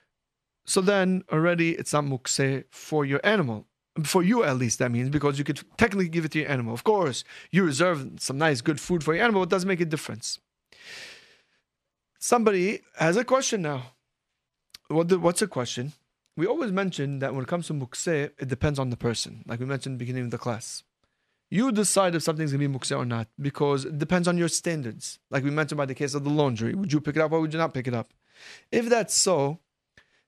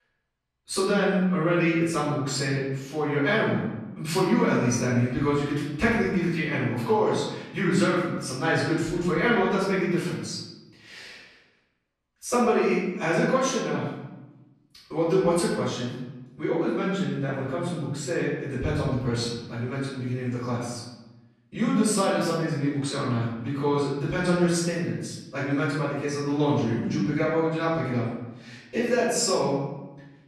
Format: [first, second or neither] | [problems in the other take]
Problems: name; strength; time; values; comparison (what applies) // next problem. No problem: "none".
first | room echo; noticeable; dies away in 1 s // off-mic speech; far